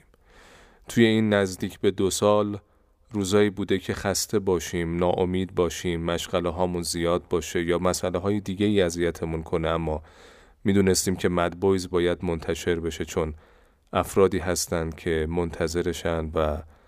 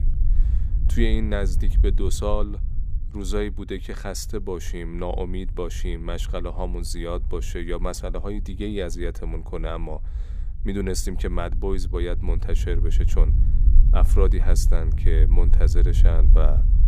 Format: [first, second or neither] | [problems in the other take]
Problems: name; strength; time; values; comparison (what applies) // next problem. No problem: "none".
first | low rumble; noticeable; throughout; 15 dB below the speech